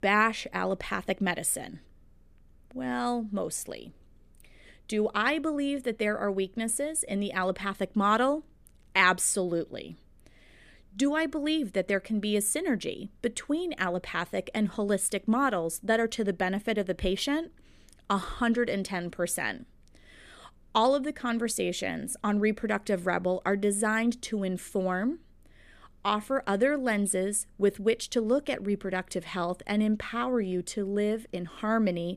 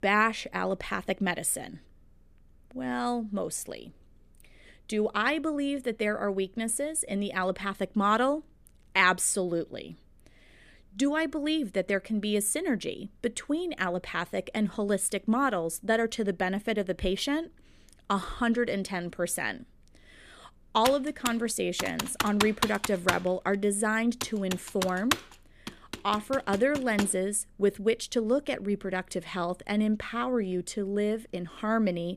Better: first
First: none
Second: keyboard typing; noticeable; from 21 to 27 s; peak level with the speech

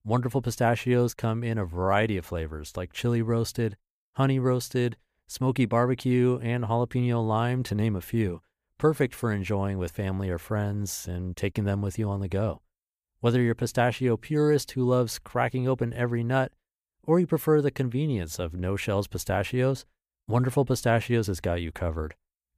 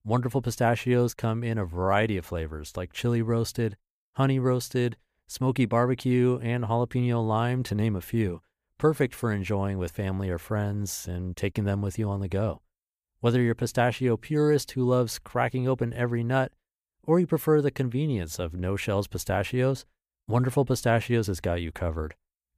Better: neither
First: none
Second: none

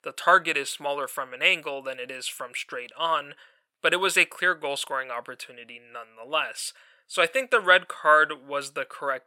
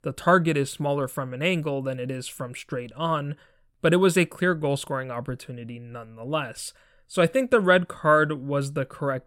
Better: second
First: thin; very; fading below 650 Hz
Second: none

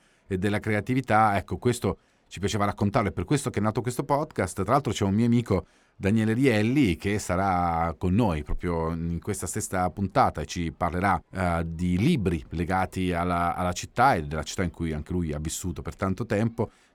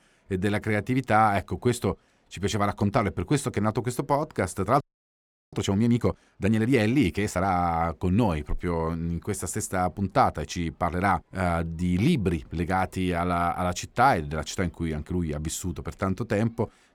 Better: first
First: none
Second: audio freezing; at 5 s for 0.5 s

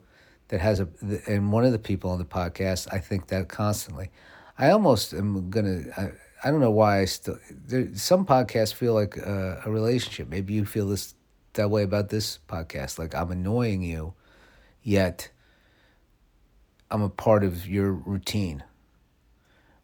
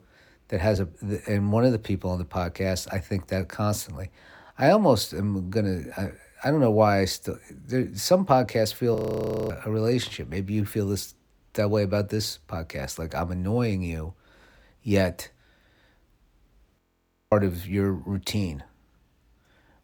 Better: first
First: none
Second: audio freezing; at 9 s for 0.5 s and at 17 s for 0.5 s

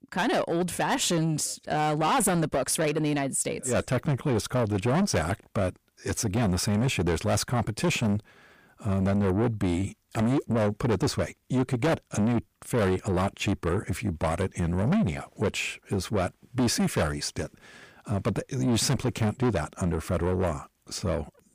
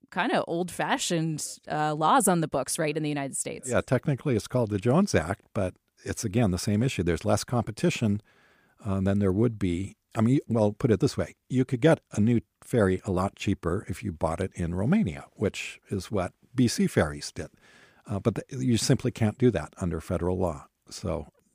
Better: second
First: distortion; heavy; 7 dB below the speech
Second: none

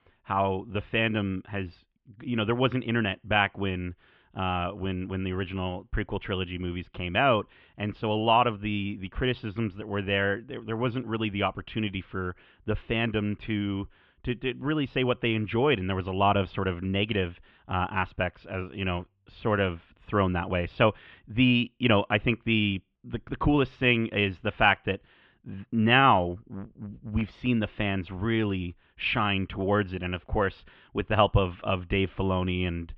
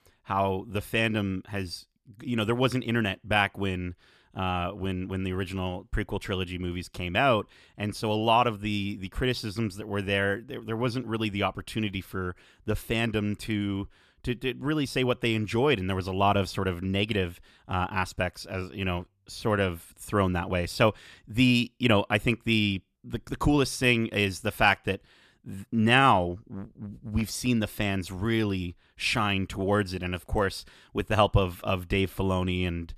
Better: second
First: muffled; very; fading above 3 kHz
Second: none

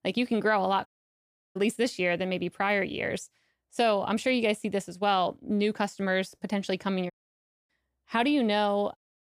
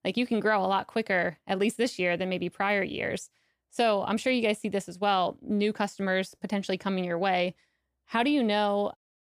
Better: second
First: audio cutting out; at 1 s for 0.5 s and at 7 s for 0.5 s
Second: none

